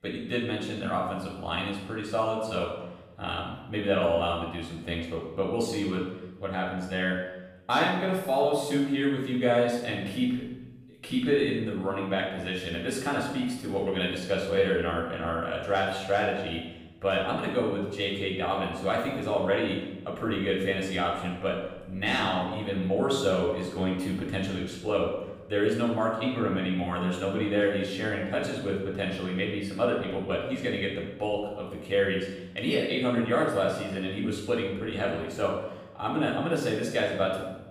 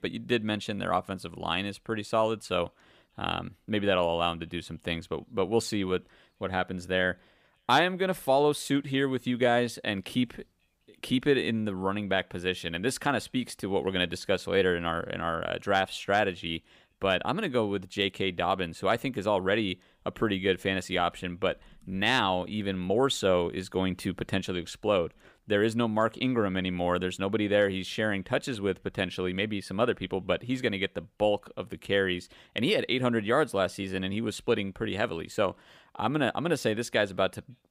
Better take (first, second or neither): second